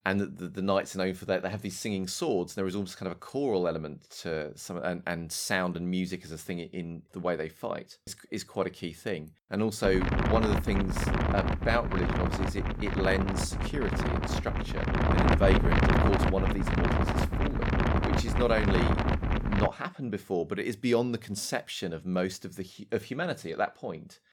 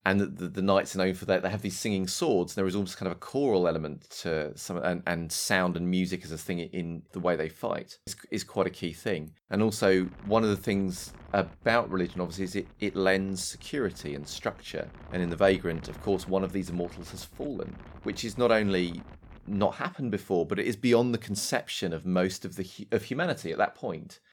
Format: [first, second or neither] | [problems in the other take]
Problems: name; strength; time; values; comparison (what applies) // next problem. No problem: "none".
second | wind noise on the microphone; heavy; from 10 to 20 s; 1 dB above the speech; occasional gusts in the second